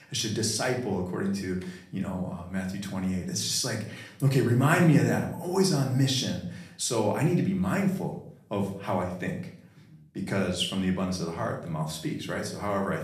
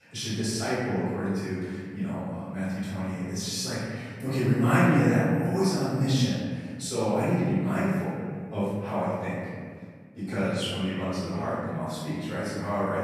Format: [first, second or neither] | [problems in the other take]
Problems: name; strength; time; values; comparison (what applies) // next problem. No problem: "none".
first | room echo; strong; dies away in 1.8 s; slight in the first // off-mic speech; far; somewhat distant in the first